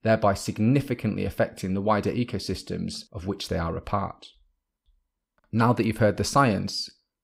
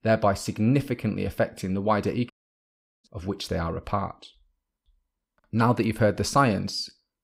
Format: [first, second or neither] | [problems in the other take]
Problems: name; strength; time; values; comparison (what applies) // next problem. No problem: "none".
first | audio cutting out; at 2.5 s for 0.5 s